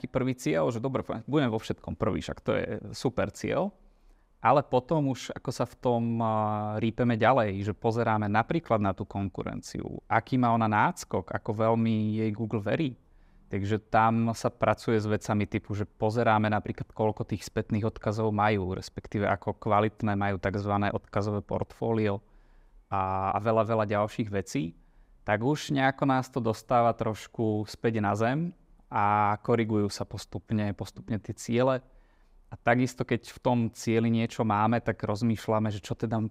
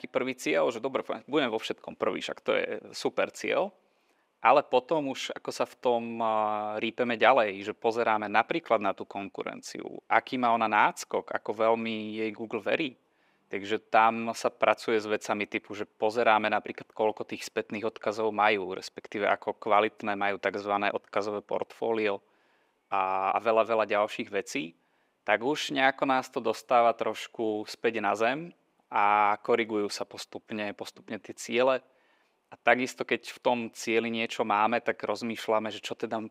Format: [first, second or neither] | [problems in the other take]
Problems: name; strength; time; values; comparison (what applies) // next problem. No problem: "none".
first | thin; somewhat; fading below 400 Hz